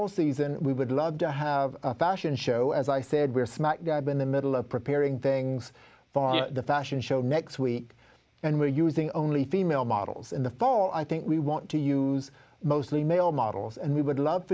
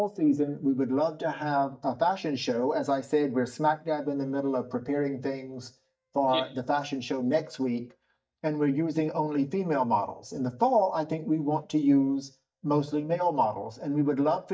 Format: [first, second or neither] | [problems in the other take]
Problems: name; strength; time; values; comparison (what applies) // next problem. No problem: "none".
first | noise reduction (neural mask model DeepFilterNet 3)